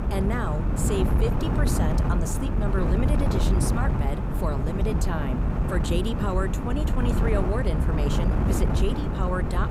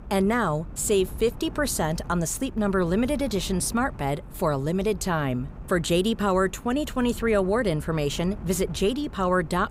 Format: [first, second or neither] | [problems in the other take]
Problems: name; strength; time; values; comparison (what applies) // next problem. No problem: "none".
second | wind noise on the microphone; heavy; 1 dB below the speech; occasional gusts in the second